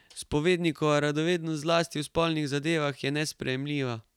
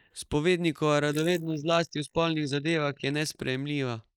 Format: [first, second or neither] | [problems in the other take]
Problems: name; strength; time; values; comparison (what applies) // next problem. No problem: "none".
first | noise reduction (neural mask model Resemble Enhance denoiser)